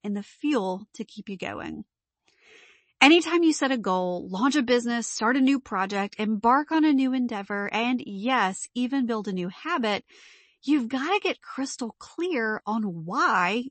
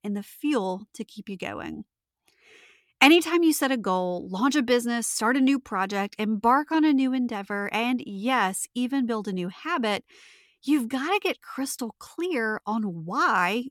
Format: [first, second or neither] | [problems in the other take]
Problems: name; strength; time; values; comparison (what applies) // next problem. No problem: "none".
second | garbled, watery; slightly; nothing above 8 kHz